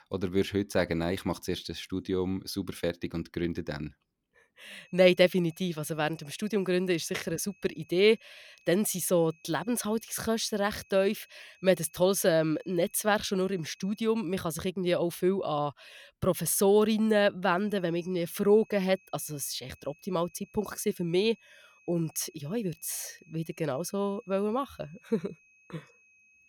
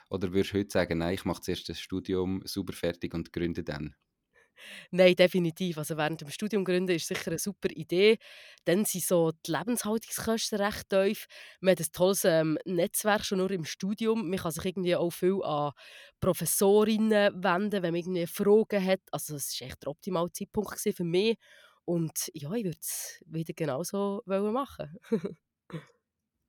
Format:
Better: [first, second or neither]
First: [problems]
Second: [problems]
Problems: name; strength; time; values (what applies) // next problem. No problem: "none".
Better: second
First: high-pitched whine; faint; from 5 to 14 s and from 17 s on; 2.5 kHz, 30 dB below the speech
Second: none